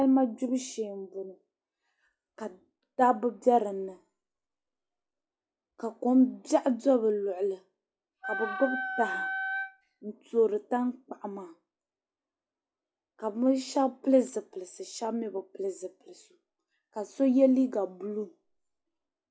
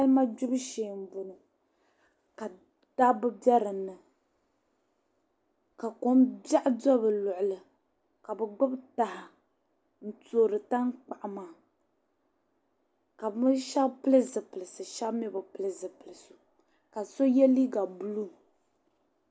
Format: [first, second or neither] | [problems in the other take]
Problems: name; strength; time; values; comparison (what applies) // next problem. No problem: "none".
second | noise reduction (classical method log-MMSE)